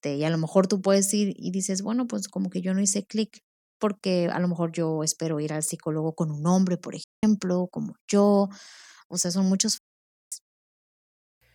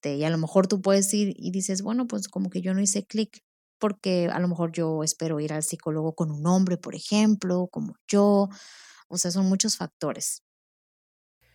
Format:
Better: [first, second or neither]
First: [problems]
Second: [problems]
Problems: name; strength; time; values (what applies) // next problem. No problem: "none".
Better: second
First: audio cutting out; at 7 s and at 10 s for 0.5 s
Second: none